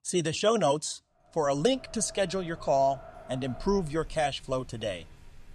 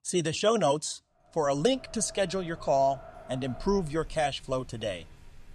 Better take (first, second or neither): neither